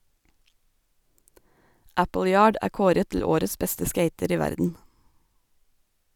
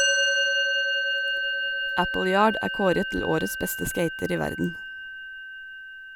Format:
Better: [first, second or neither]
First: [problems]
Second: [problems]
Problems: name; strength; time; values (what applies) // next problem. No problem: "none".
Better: first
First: none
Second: background sound (Musical instrument); 1 dB above the speech